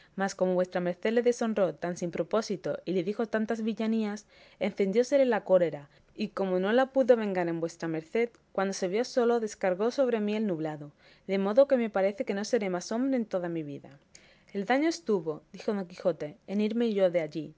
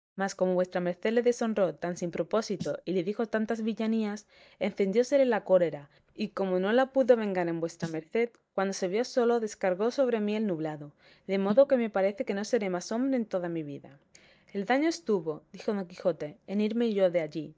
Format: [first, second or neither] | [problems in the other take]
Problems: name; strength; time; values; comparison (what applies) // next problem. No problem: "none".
first | noise reduction (neural mask model DeepFilterNet 3)